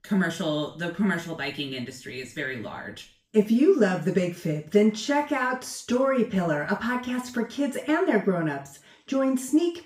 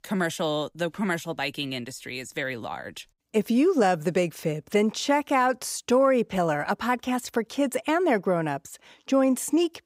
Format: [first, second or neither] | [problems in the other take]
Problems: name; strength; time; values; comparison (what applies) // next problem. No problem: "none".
second | room echo; slight; dies away in 0.4 s // off-mic speech; far